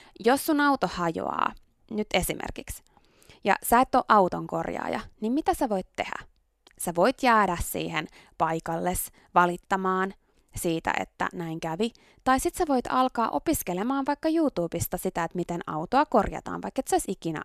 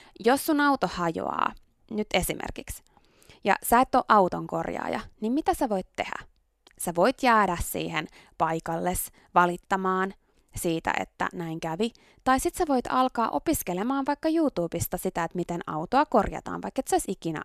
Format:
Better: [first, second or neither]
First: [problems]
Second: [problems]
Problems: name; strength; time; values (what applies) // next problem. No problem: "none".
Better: neither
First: none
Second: none